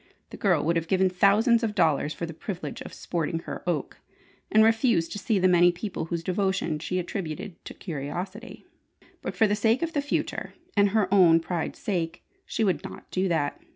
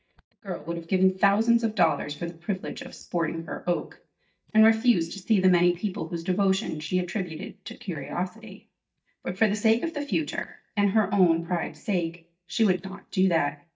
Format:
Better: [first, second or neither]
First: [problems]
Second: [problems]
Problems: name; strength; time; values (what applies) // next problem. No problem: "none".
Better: first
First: none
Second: noise reduction (neural mask model DeepFilterNet 3)